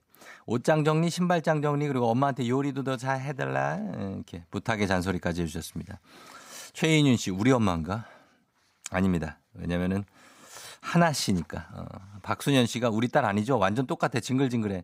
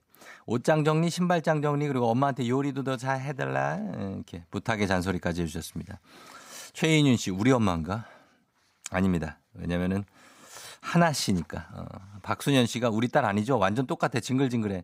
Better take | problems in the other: neither | none

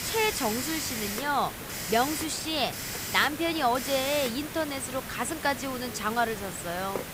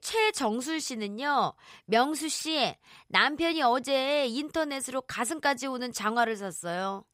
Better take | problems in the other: second | hiss; loud; throughout; 5 dB below the speech

